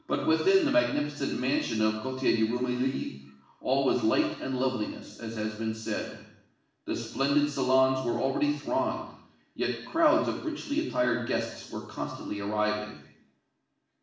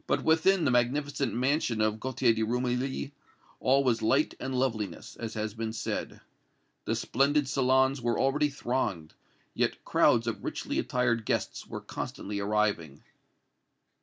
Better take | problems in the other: second | room echo; dies away in 0.7 s

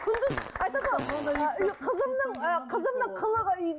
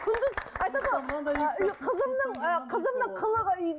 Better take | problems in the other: second | background sound (Fart); 13 dB below the speech

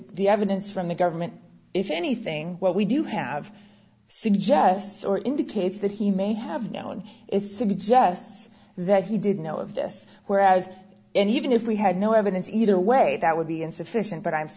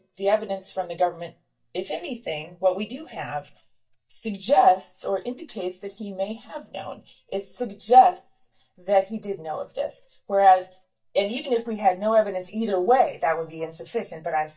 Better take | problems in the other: first | noise reduction (neural mask model DeepFilterNet 3)

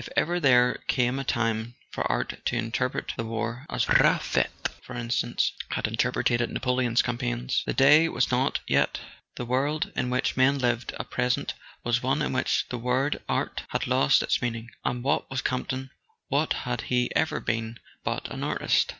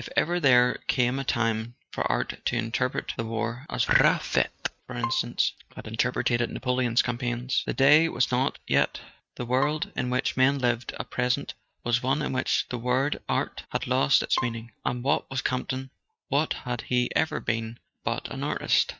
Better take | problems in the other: first | noise reduction (neural mask model RNNoise)

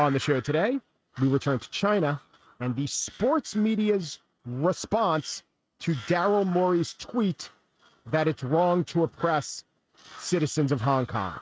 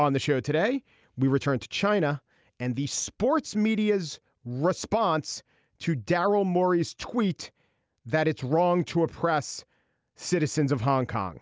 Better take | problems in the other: second | noise reduction (neural mask model RNNoise)

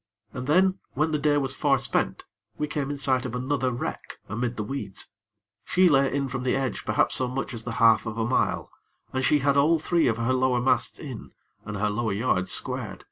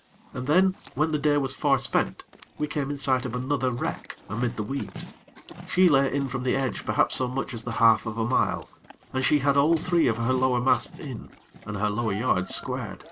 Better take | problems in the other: first | background sound (Livestock, farm animals, working animals); 18 dB below the speech

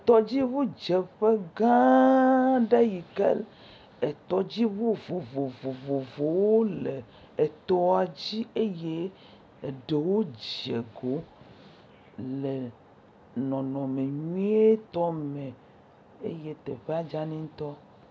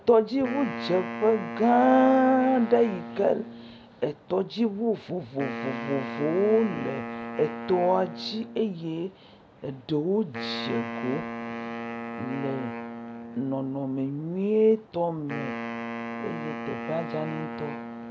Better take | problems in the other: first | background sound (Wind instrument, woodwind instrument); 10 dB below the speech

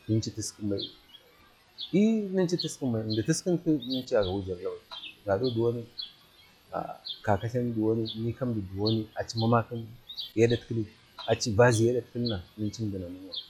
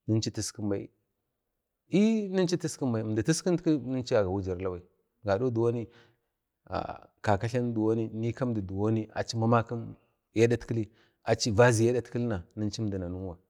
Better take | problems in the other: second | noise reduction (classical method log-MMSE)

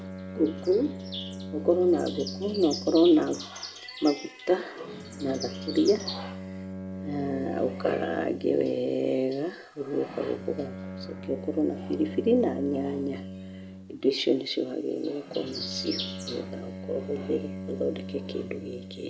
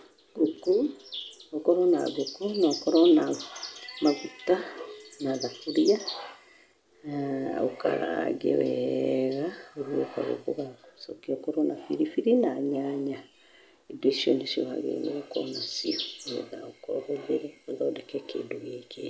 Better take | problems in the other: second | background sound (Bowed string instrument); 11 dB below the speech

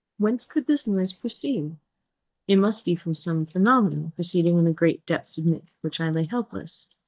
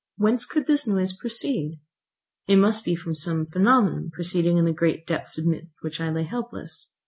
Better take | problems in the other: second | noise reduction (neural mask model DeepFilterNet 3)

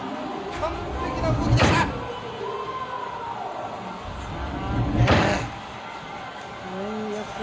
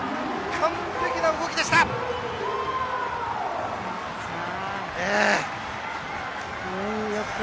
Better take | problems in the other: second | background sound (Sliding door); 5 dB above the speech // room echo; dies away in 0.4 s

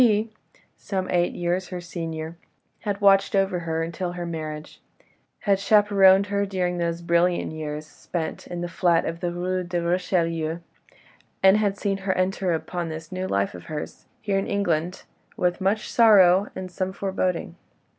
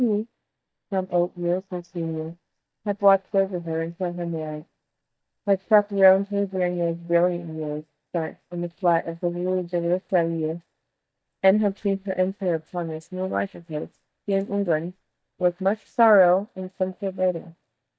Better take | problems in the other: first | noise reduction (neural mask model DeepFilterNet 3)

